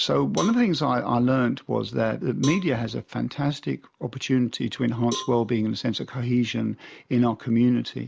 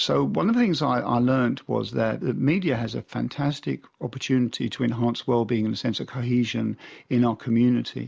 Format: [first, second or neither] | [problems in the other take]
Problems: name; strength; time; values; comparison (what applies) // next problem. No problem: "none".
second | background sound (Cowbell); 17 dB below the speech